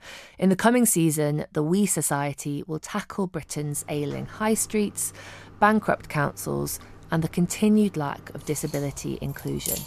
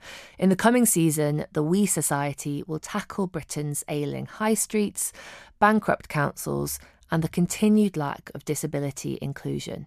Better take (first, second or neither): second